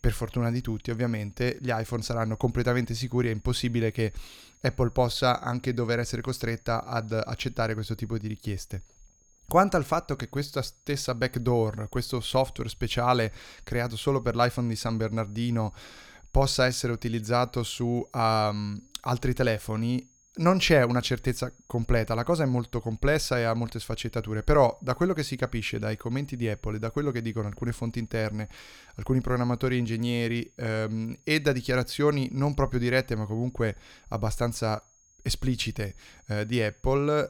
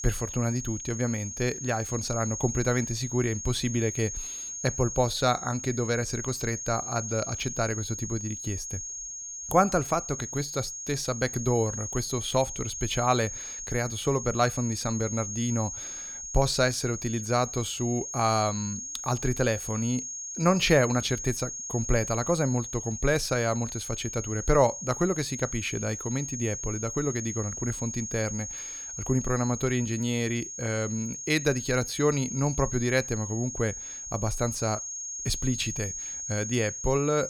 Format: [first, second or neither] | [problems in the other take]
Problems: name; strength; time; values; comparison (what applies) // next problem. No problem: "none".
first | high-pitched whine; loud; throughout; 6.5 kHz, 6 dB below the speech; faint in the first